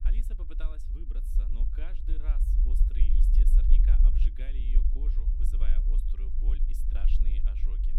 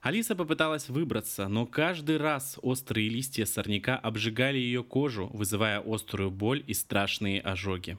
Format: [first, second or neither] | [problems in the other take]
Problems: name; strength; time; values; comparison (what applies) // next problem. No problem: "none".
second | low rumble; loud; throughout; as loud as the speech